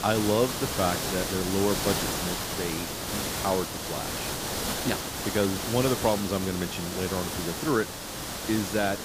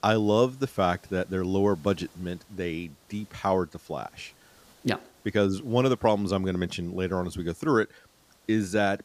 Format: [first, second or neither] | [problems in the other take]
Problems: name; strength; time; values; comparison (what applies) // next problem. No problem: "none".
second | hiss; loud; throughout; 1 dB below the speech; faint in the second